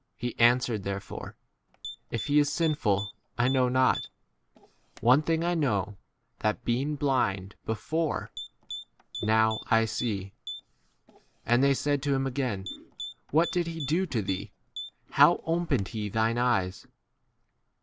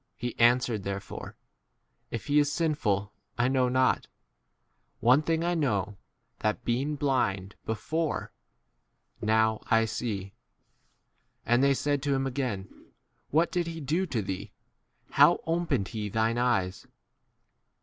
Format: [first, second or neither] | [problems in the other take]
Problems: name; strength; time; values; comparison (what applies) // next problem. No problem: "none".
second | background sound (Typing); 15 dB below the speech